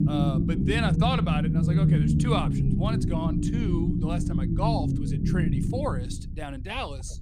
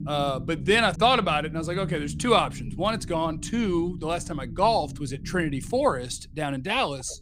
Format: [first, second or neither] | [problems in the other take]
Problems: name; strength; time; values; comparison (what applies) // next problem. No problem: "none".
second | low rumble; loud; throughout; 2 dB below the speech; faint in the second